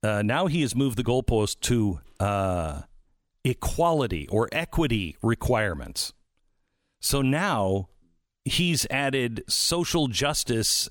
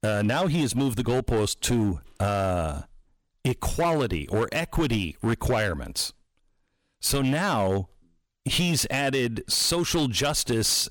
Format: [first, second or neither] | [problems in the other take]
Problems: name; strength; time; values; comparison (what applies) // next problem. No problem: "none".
first | distortion; slight; 10% of the sound clipped